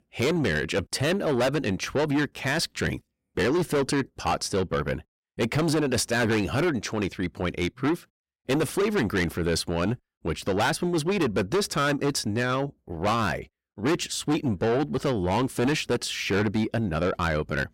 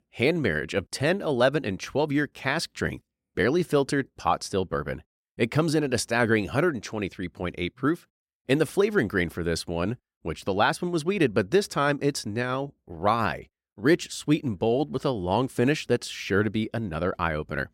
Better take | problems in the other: second | distortion; heavy; 6 dB below the speech

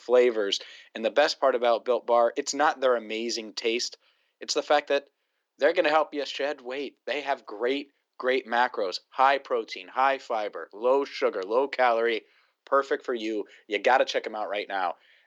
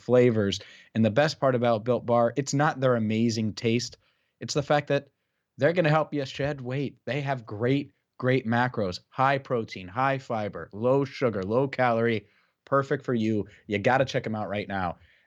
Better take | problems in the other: second | thin; somewhat; fading below 300 Hz

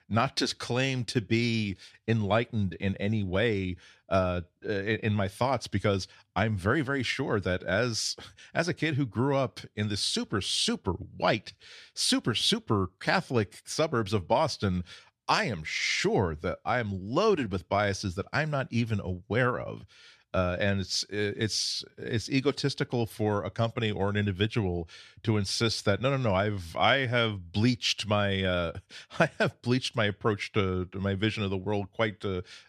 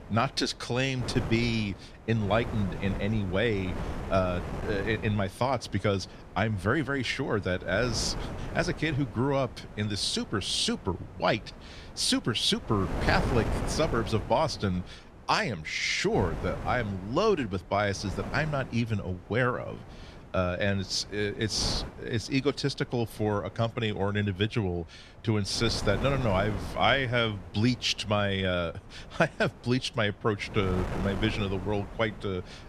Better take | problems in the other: first | wind noise on the microphone; occasional gusts; 15 dB below the speech

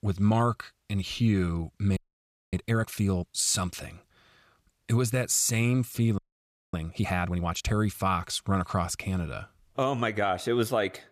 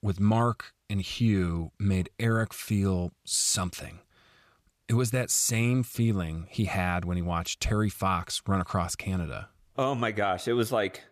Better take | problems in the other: second | audio freezing; at 2 s for 0.5 s and at 6 s for 0.5 s

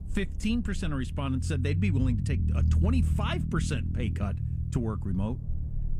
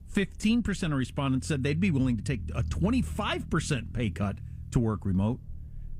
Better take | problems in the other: second | low rumble; loud; throughout; 8 dB below the speech; faint in the second

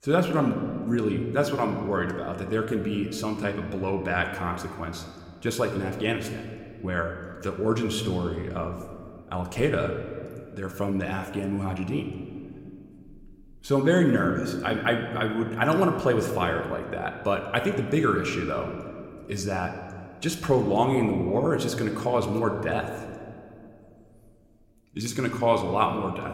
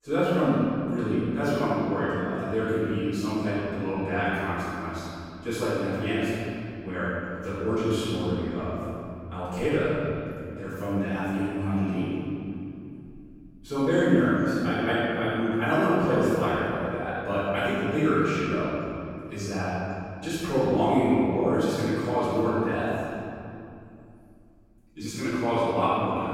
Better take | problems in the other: first | room echo; strong; dies away in 2.6 s; slight in the first // off-mic speech; far

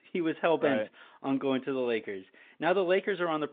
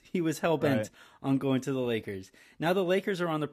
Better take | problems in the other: second | phone-call audio; nothing above 3.5 kHz

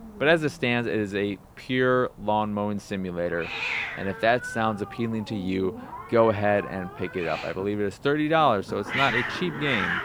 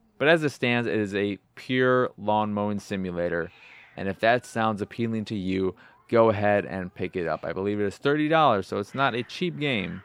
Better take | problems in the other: second | hiss; loud; throughout; 7 dB below the speech; faint in the second

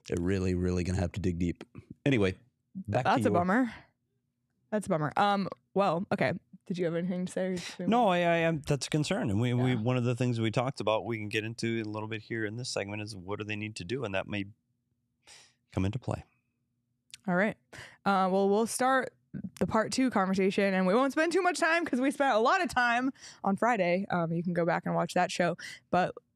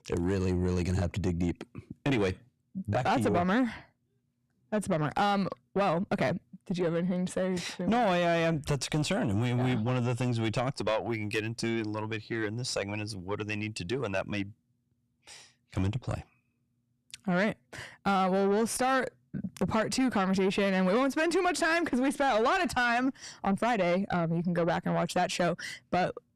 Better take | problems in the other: first | distortion; slight; 9 dB below the speech

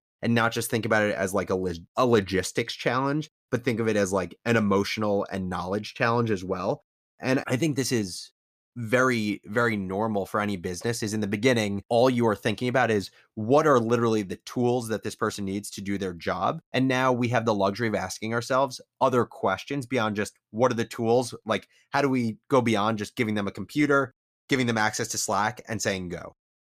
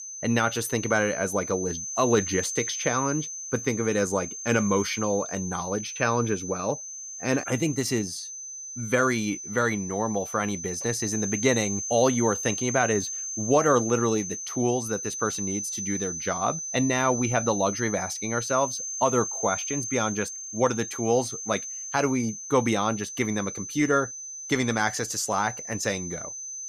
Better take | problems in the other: first | high-pitched whine; loud; throughout; 6.5 kHz, 6 dB below the speech

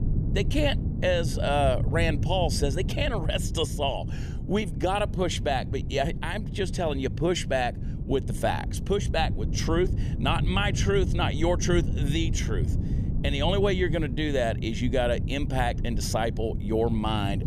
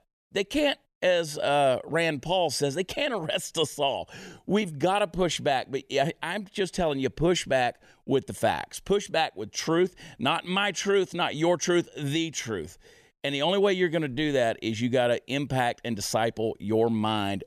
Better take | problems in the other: second | wind noise on the microphone; occasional gusts; 15 dB below the speech

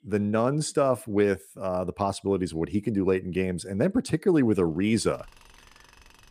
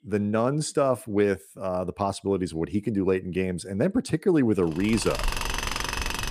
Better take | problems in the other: first | machinery noise; loud; from 5 s on; 4 dB below the speech; faint in the first

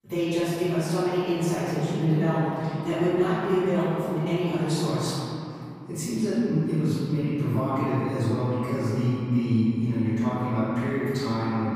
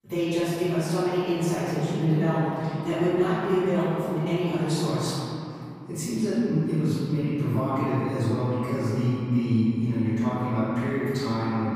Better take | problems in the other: neither | off-mic speech; far; the same in both // room echo; strong; dies away in 2.9 s; the same in both

